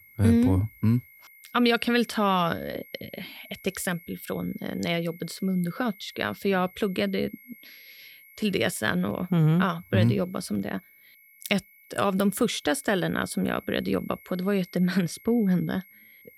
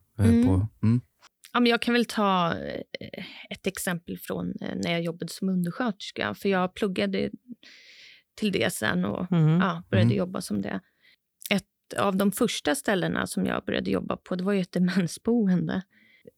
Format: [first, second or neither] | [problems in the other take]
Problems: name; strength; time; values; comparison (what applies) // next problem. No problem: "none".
second | high-pitched whine; faint; throughout; 2 kHz, 25 dB below the speech